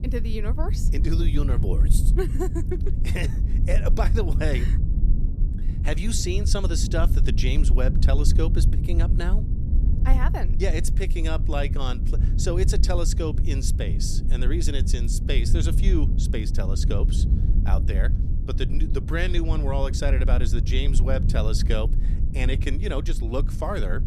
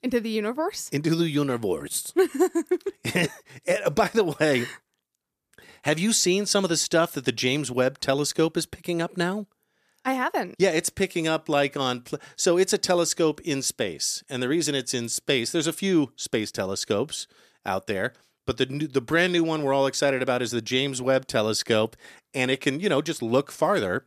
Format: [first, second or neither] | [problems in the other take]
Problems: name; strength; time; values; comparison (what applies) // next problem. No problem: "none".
second | low rumble; loud; throughout; 8 dB below the speech